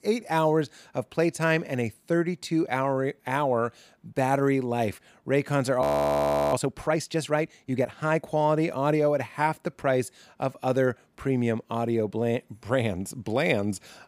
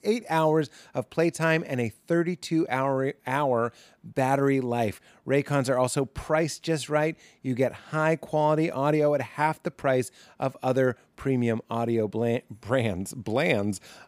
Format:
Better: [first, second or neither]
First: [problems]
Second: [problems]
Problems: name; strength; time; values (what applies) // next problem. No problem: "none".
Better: second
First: audio freezing; at 6 s for 0.5 s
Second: none